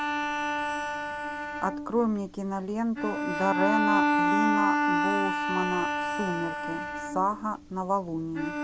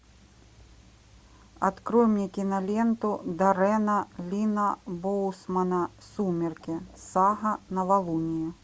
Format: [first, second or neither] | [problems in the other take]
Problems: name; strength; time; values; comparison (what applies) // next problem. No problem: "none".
second | background sound (Bowed string instrument); 2 dB above the speech